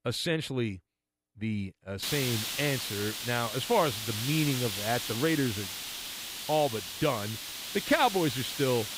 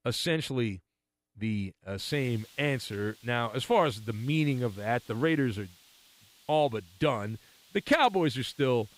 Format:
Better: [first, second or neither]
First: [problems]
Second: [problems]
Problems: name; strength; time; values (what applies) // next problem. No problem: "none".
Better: second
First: hiss; loud; from 2 s on; 4 dB below the speech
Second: hiss; faint; from 2 s on; 25 dB below the speech